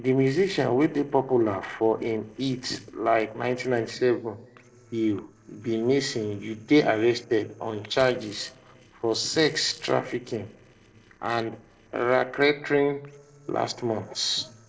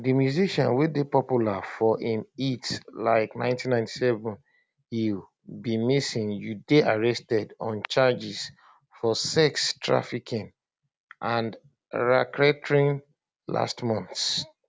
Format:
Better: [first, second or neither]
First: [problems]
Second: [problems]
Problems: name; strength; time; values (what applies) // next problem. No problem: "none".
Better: second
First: noise reduction (neural separator model SepFormer DNS4)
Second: none